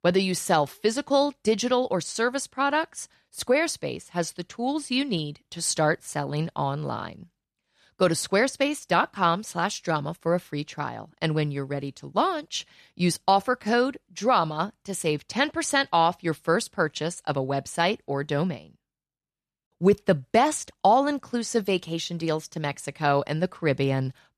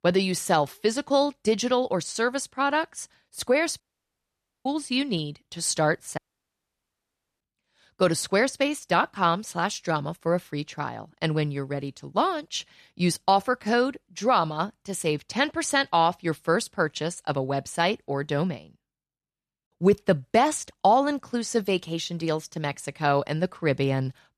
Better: first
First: none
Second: audio cutting out; at 4 s for 1 s and at 6 s for 1 s

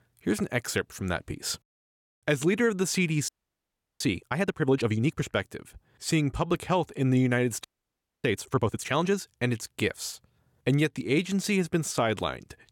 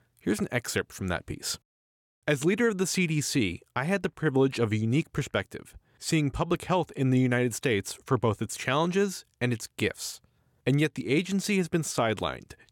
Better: second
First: audio freezing; at 3.5 s for 0.5 s and at 7.5 s for 0.5 s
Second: none

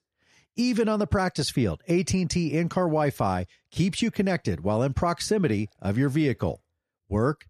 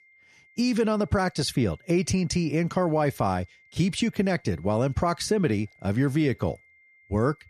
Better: first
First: none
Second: high-pitched whine; faint; throughout; 2 kHz, 30 dB below the speech

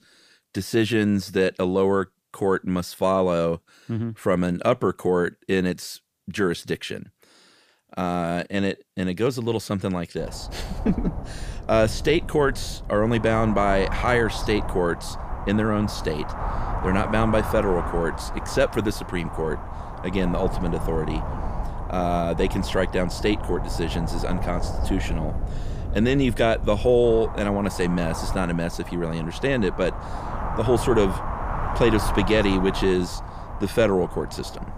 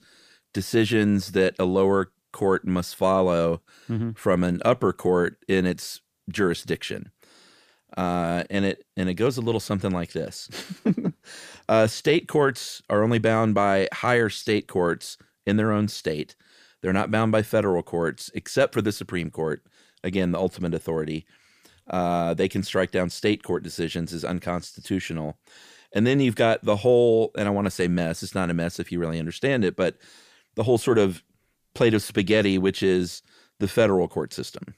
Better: second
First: wind noise on the microphone; heavy; from 10 s on; 8 dB below the speech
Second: none

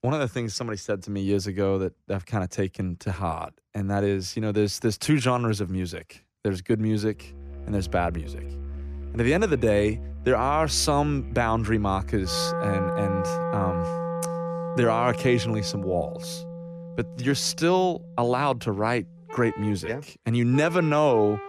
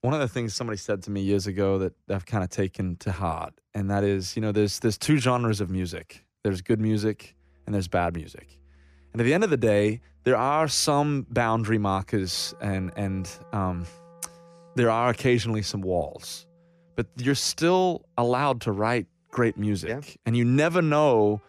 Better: second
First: background music; loud; from 7.5 s on; 8 dB below the speech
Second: background music; faint; from 7.5 s on; 30 dB below the speech

